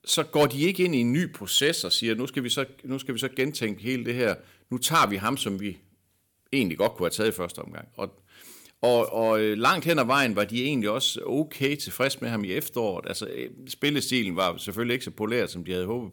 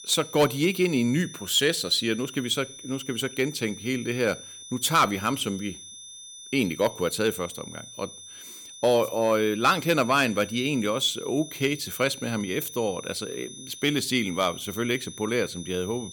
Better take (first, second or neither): first